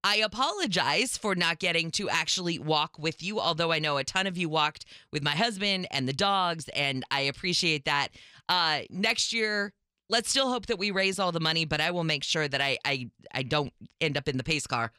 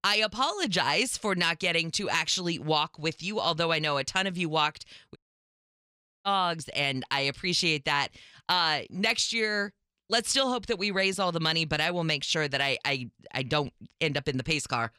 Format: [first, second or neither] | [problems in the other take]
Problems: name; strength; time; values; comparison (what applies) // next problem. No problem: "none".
first | audio cutting out; at 5 s for 1 s